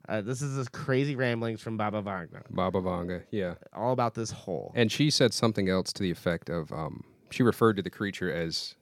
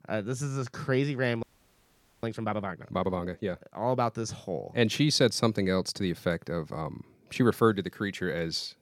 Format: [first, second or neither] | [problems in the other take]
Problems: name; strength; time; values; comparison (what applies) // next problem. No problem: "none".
first | audio freezing; at 1.5 s for 1 s